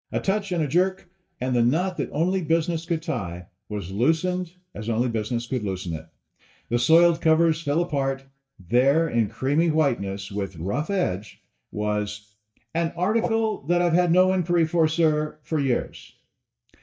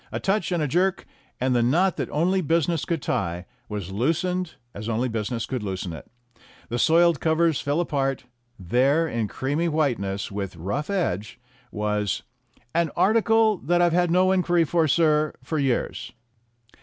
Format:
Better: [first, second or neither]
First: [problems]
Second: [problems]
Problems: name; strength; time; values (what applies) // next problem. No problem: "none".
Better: second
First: noise reduction (neural mask model DeepFilterNet 3)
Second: none